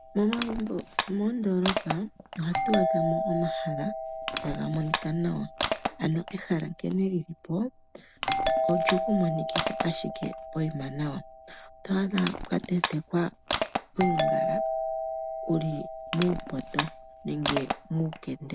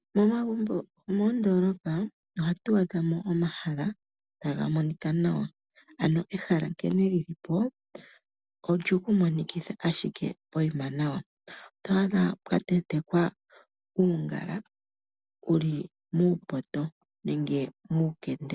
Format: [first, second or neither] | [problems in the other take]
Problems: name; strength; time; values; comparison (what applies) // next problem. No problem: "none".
second | background sound (Doorbell + Crushing); 2 dB below the speech